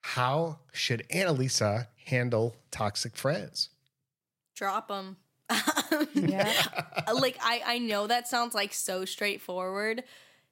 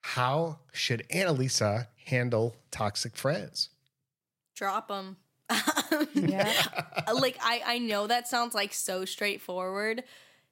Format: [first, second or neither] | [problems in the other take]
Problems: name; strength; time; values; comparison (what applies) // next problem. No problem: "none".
neither | none